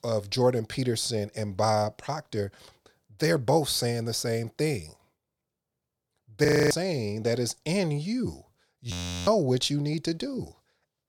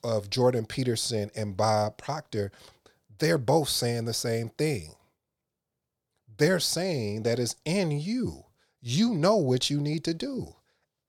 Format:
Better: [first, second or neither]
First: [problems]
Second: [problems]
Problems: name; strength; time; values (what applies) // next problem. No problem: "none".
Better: second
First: audio freezing; at 6.5 s and at 9 s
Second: none